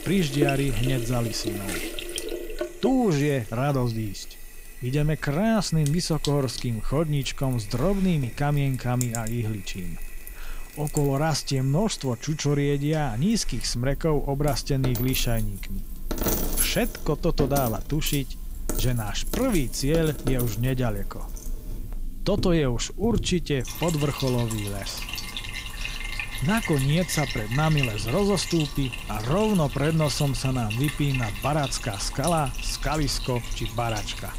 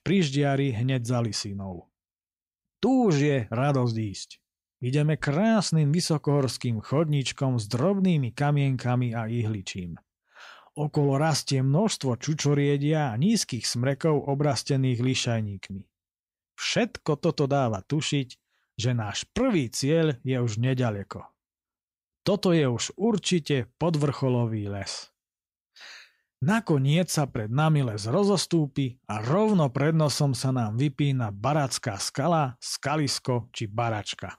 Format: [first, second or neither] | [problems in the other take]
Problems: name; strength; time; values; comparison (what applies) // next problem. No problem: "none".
second | household noises; loud; throughout; 8 dB below the speech